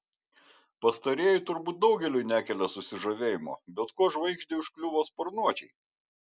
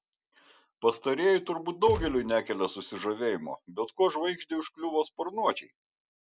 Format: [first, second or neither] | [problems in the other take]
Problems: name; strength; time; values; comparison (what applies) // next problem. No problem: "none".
first | background sound (Gunshot, gunfire); 8 dB below the speech